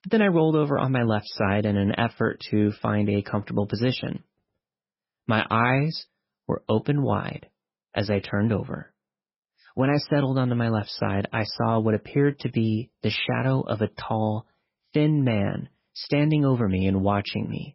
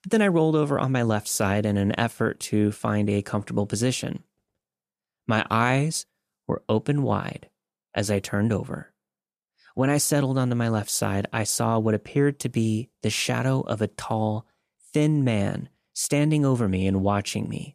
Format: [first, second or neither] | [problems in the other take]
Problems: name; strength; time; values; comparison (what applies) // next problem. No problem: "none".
second | garbled, watery; badly; nothing above 5.5 kHz